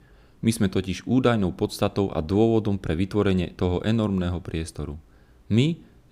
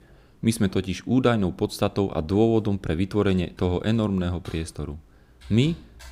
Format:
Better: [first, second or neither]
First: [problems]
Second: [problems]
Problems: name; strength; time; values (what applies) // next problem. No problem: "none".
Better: first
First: none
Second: household noises; faint; throughout; 25 dB below the speech